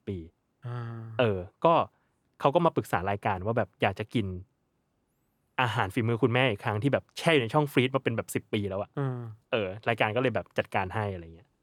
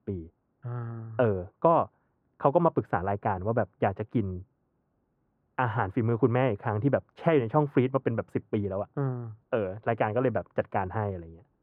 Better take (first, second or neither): first